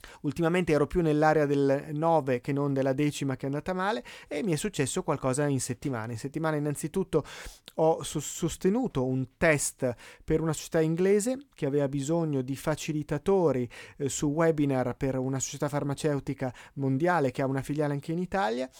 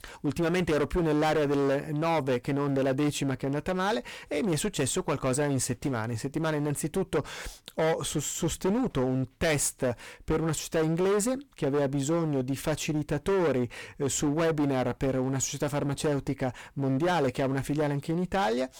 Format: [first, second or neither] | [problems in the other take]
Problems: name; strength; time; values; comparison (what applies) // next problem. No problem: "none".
first | distortion; heavy; 17% of the sound clipped